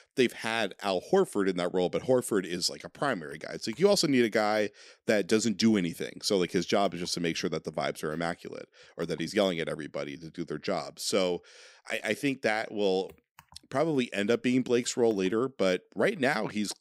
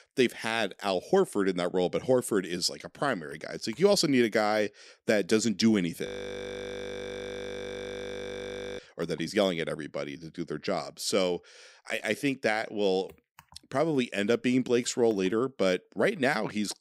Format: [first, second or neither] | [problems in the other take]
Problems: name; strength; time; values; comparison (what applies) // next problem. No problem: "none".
first | audio freezing; at 6 s for 2.5 s